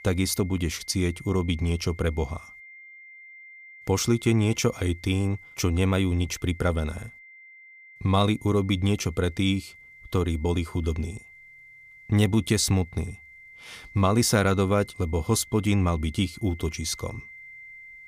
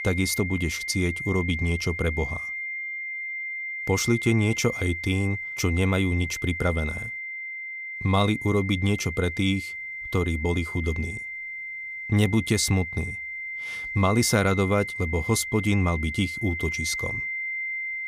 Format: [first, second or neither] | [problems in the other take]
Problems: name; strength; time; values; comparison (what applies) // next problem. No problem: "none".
first | high-pitched whine; loud; throughout; 2 kHz, 6 dB below the speech; faint in the first